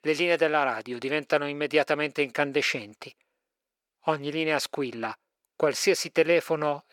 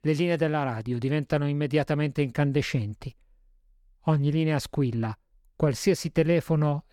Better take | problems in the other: second | thin; very; fading below 500 Hz

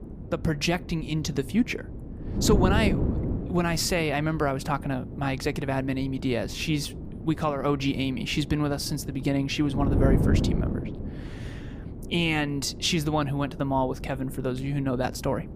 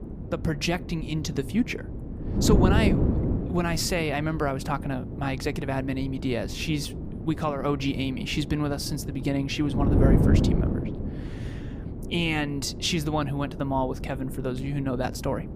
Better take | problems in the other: first | wind noise on the microphone; heavy; 7 dB below the speech; occasional gusts in the first

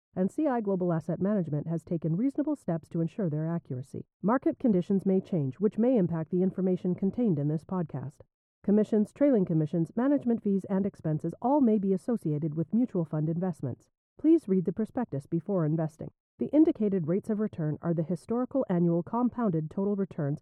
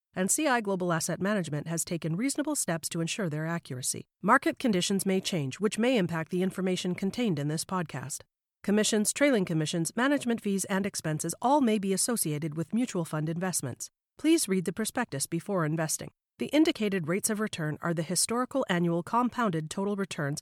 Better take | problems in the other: second | muffled; very; fading above 1.5 kHz

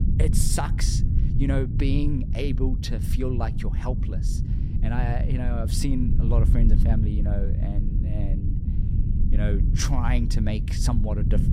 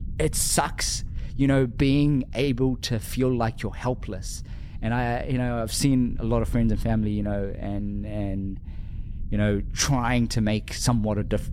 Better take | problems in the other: second | low rumble; loud; throughout; 6 dB below the speech; faint in the second

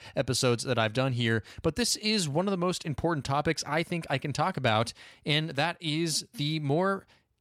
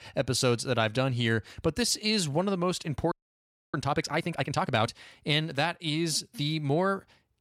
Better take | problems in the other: first | audio freezing; at 3 s for 0.5 s

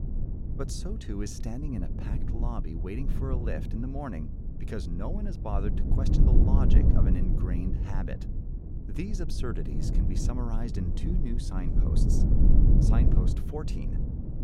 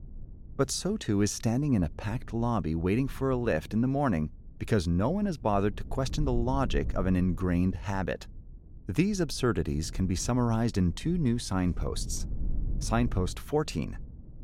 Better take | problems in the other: second | low rumble; loud; throughout; 1 dB below the speech; faint in the second

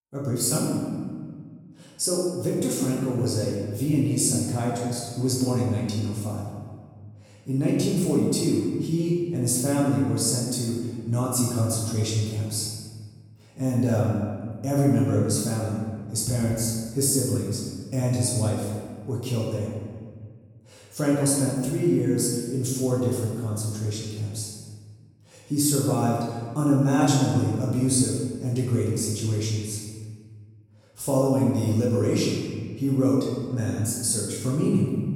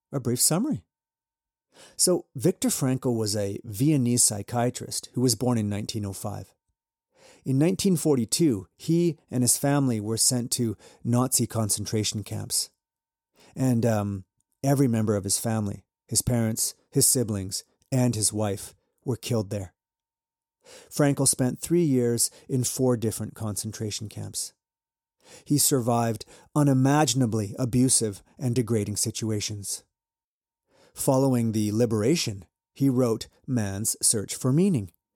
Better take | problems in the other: second | off-mic speech; far // room echo; strong; dies away in 1.5 s

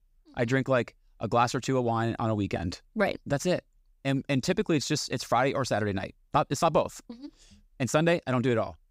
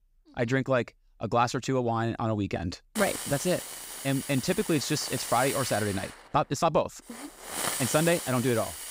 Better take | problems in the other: first | hiss; loud; from 3 s on; 6 dB below the speech

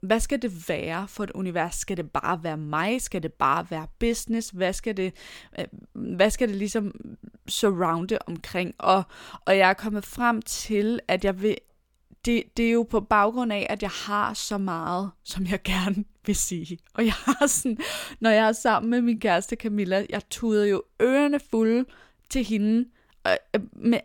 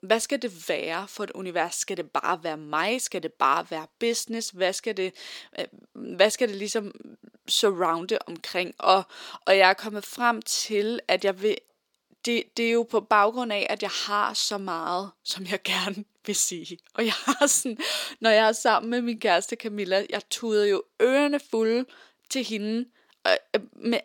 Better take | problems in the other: first | thin; very slightly; fading below 350 Hz

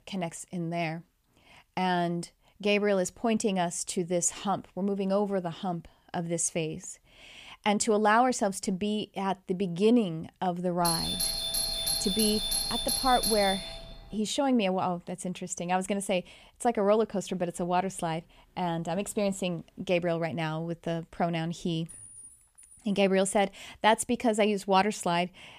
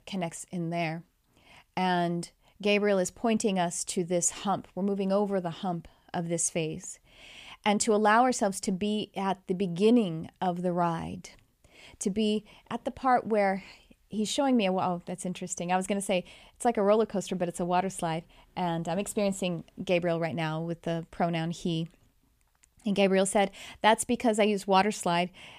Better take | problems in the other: second | doorbell; loud; from 11 to 14 s; peak 2 dB above the speech // clattering dishes; faint; from 22 to 23 s; peak 15 dB below the speech

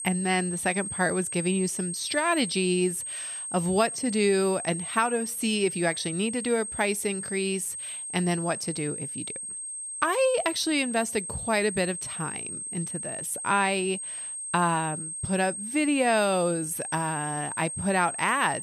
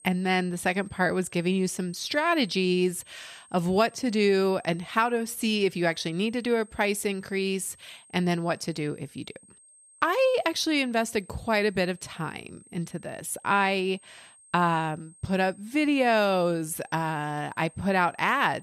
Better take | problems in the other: second | high-pitched whine; loud; throughout; 8.5 kHz, 5 dB below the speech; faint in the second

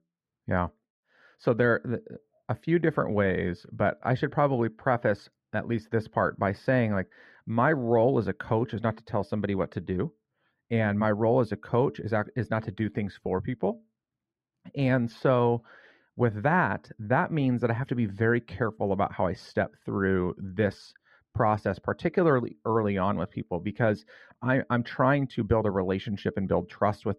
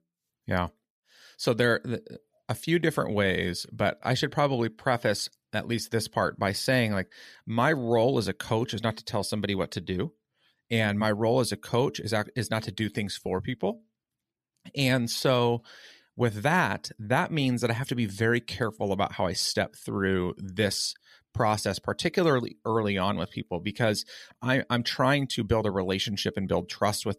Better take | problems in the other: second | muffled; very; fading above 3 kHz

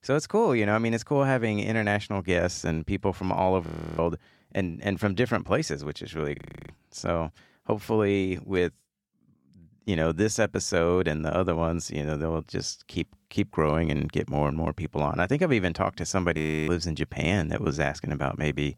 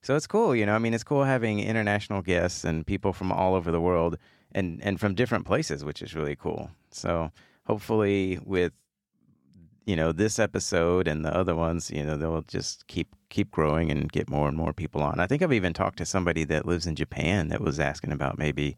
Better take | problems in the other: second | audio freezing; at 3.5 s, at 6.5 s and at 16 s

